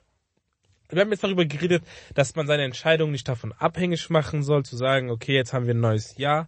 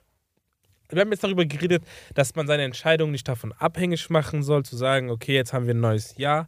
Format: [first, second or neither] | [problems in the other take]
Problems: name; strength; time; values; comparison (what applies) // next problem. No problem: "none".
second | garbled, watery; slightly; nothing above 8 kHz